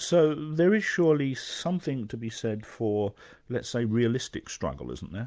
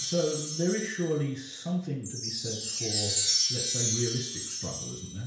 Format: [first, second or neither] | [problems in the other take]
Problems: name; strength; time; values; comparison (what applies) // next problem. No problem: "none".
first | background sound (Wind chime); as loud as the speech // room echo; dies away in 0.5 s